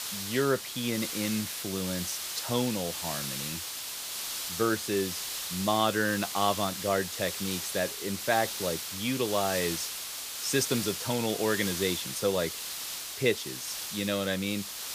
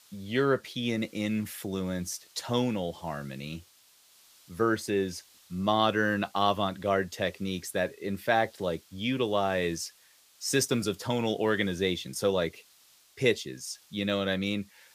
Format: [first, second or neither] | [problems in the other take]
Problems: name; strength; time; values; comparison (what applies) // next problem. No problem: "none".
second | hiss; loud; throughout; 3 dB below the speech; faint in the second